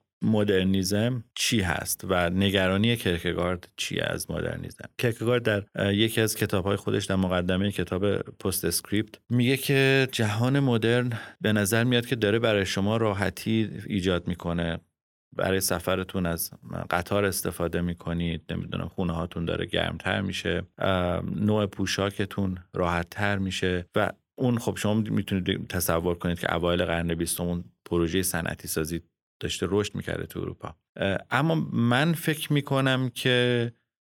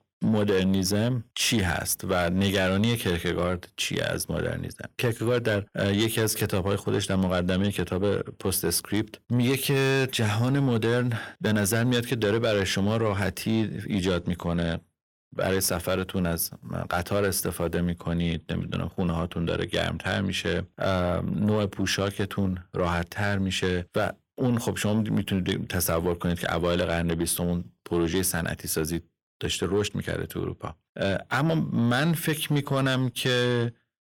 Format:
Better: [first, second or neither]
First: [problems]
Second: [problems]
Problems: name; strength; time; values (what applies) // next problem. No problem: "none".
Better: first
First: none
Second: distortion; slight; 10 dB below the speech